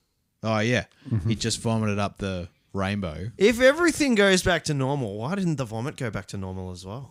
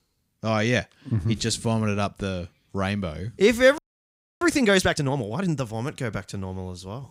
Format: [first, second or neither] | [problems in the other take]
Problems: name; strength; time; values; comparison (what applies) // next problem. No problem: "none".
first | audio freezing; at 4 s for 0.5 s